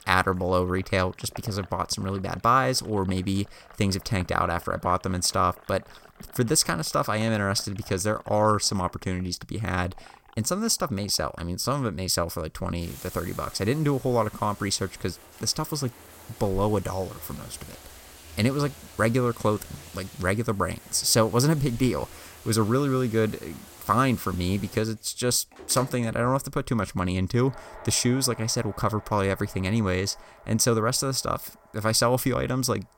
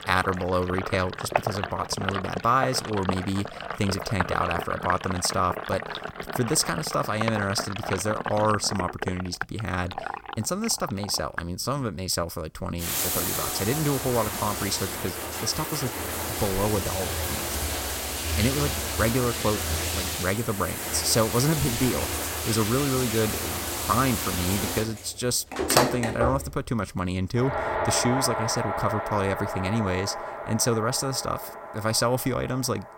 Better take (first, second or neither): first